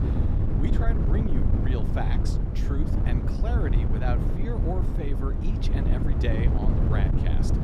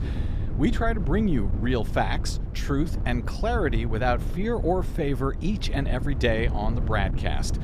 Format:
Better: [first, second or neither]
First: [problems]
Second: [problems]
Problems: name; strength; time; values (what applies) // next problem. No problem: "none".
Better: second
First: wind noise on the microphone; heavy; as loud as the speech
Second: wind noise on the microphone; occasional gusts; 15 dB below the speech